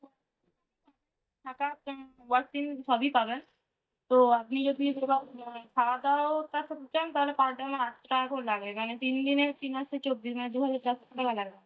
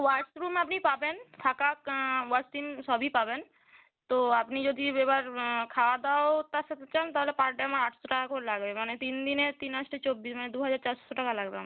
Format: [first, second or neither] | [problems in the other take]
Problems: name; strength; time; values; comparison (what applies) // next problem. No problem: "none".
second | noise reduction (neural mask model DeepFilterNet 3)